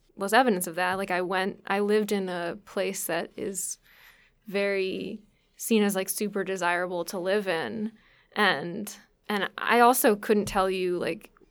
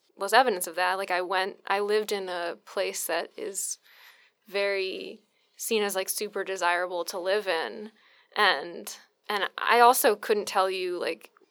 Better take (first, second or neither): first